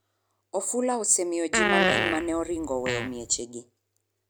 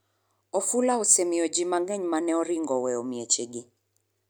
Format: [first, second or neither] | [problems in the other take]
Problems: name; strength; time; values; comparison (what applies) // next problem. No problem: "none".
second | background sound (Fart); 2 dB above the speech